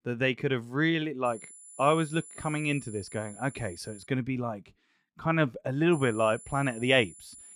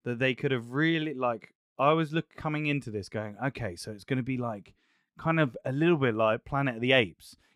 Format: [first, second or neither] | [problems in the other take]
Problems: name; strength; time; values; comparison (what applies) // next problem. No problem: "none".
second | high-pitched whine; noticeable; from 1.5 to 4 s and from 6 s on; 10 kHz, 15 dB below the speech